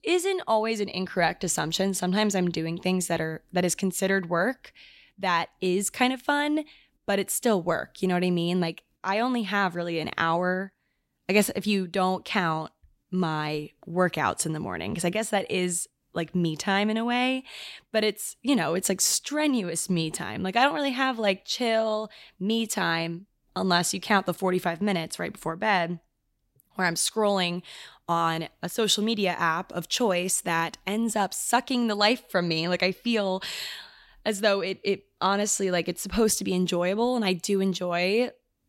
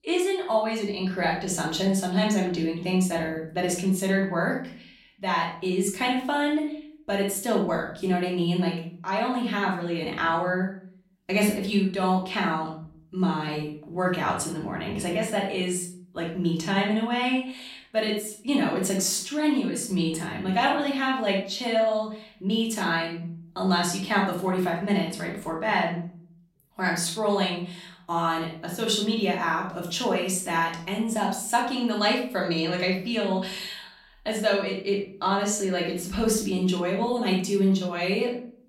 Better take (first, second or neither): first